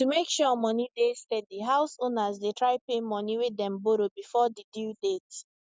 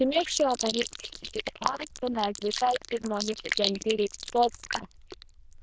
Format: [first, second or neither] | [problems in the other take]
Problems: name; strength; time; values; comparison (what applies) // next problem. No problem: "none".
first | noise reduction (neural diffusion model UNIVERSE++)